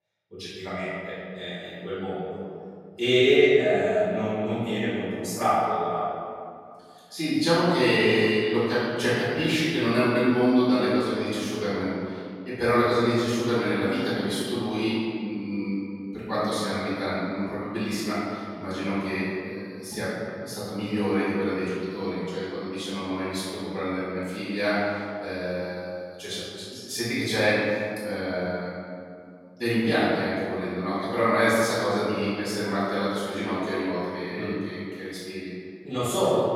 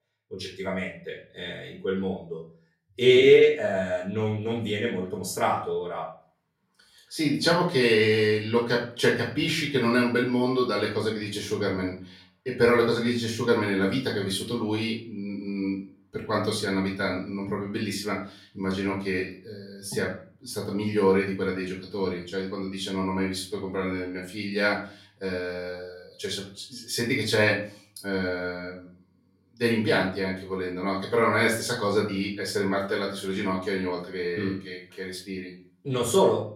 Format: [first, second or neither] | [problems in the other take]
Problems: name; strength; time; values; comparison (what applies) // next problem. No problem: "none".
second | room echo; strong; dies away in 2.1 s; slight in the second // off-mic speech; far; far in the second